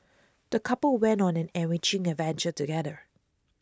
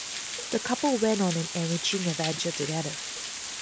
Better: first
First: none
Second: background sound (Water); 5 dB below the speech

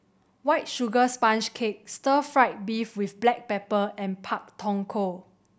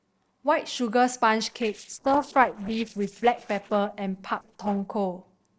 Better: first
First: none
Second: noise reduction (neural separator model SepFormer DNS4)

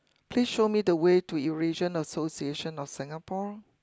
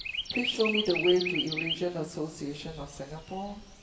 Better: first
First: none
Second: background sound (Chirp, tweet); 4 dB below the speech // room echo; dies away in 1 s

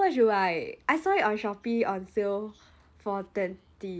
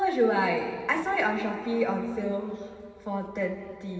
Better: first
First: none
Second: room echo; dies away in 2.6 s

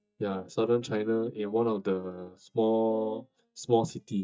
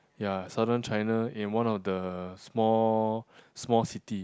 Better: second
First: noise reduction (neural mask model DeepFilterNet 3)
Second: none

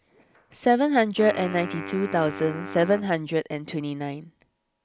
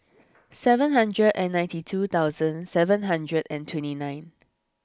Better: second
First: background sound (Wind instrument, woodwind instrument); 13 dB below the speech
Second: none

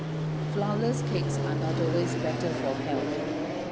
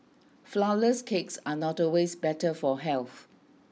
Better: second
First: background sound (Fixed-wing aircraft, airplane); 4 dB above the speech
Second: none

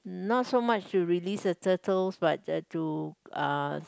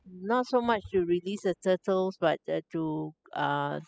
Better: first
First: none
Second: noise reduction (classical method spectral subtraction)

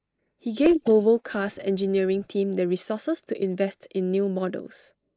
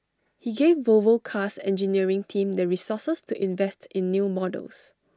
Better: second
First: noise reduction (neural mask model Resemble Enhance denoiser)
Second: none

